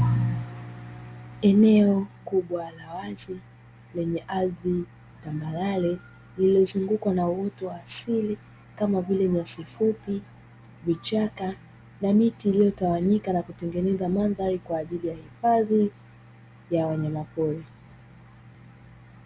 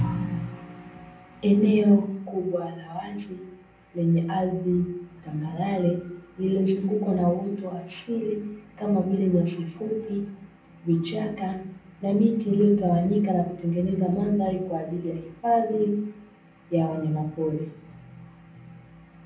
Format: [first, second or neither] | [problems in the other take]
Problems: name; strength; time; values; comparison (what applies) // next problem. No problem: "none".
first | room echo; dies away in 0.6 s